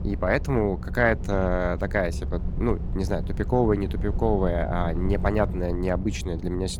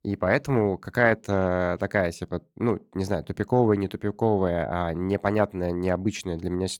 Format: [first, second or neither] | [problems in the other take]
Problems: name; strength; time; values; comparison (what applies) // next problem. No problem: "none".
second | low rumble; noticeable; throughout; 15 dB below the speech